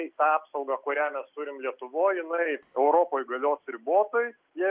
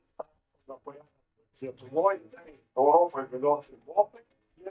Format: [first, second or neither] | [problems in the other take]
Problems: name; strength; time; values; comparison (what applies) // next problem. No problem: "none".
first | noise reduction (neural mask model DeepFilterNet 3)